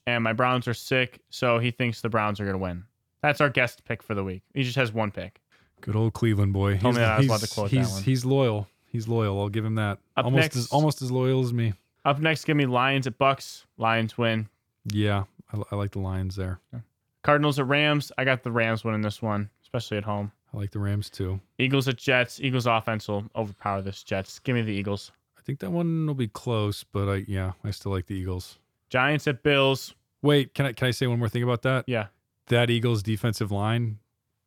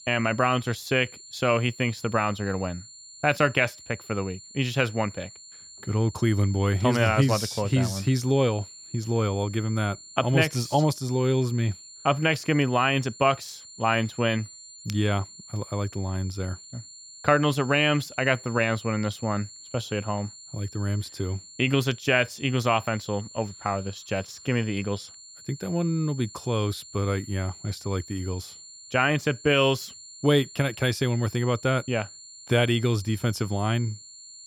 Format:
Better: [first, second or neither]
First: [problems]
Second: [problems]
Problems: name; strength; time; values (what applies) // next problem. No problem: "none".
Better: first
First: none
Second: high-pitched whine; noticeable; throughout; 7 kHz, 15 dB below the speech